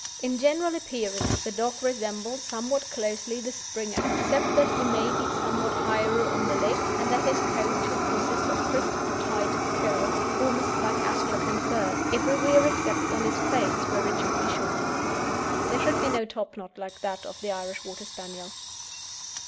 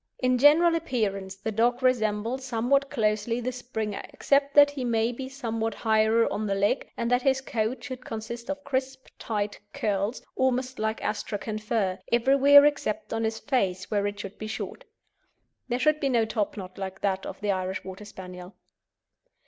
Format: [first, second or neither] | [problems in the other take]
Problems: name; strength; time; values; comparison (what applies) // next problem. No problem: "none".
second | background sound (Fire); 2 dB above the speech